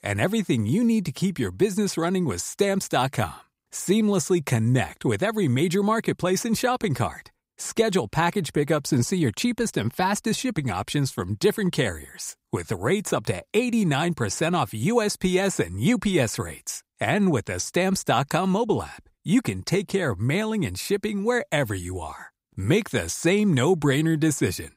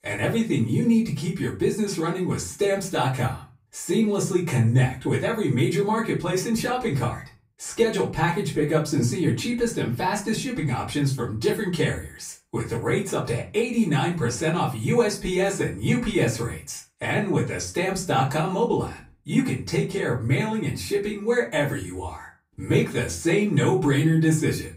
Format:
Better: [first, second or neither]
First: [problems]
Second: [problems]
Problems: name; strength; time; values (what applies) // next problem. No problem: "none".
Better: first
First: none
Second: room echo; slight; dies away in 0.3 s // off-mic speech; far